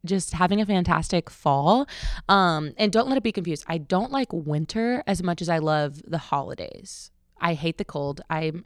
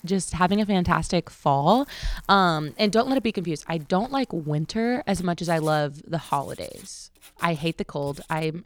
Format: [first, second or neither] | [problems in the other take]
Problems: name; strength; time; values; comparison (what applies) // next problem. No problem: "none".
first | household noises; faint; throughout; 25 dB below the speech